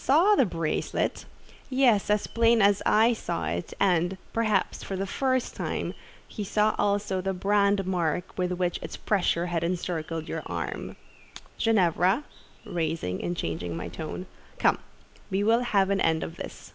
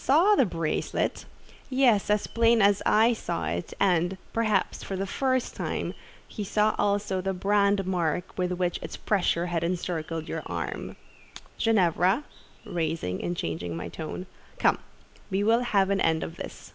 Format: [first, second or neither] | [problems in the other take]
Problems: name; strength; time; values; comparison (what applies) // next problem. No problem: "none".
second | background sound (Alarm); 15 dB below the speech